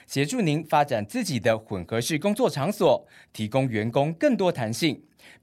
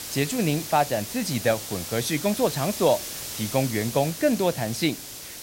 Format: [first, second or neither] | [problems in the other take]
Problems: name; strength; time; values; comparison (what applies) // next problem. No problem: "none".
first | hiss; loud; throughout; 8 dB below the speech